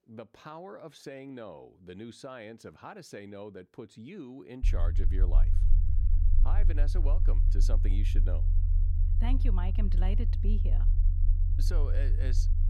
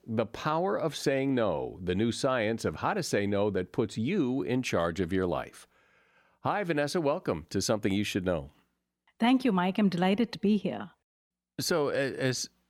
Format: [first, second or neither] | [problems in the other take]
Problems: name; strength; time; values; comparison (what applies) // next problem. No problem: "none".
second | low rumble; loud; from 4.5 s on; 6 dB below the speech